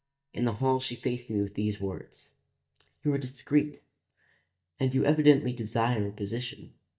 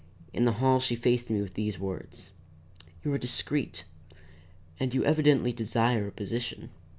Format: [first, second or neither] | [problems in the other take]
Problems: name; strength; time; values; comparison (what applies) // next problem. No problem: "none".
second | noise reduction (neural mask model DeepFilterNet 3)